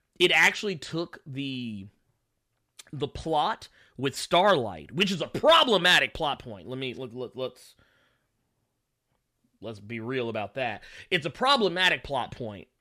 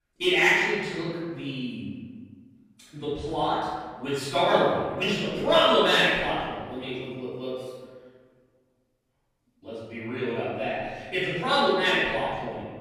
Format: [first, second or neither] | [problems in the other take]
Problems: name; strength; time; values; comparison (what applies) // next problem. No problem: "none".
first | off-mic speech; far // room echo; strong; dies away in 1.4 s